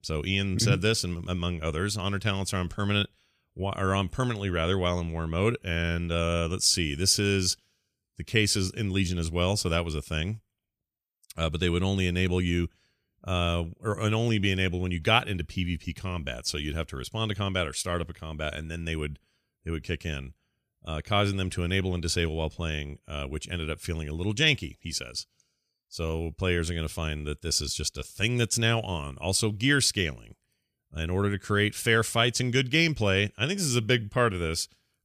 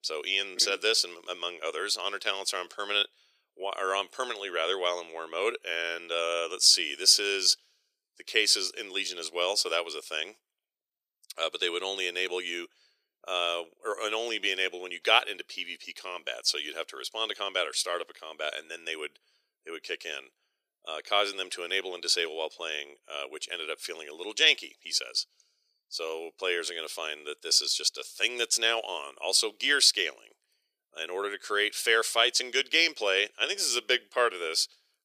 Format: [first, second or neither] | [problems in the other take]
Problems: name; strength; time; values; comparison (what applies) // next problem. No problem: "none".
first | thin; very; fading below 400 Hz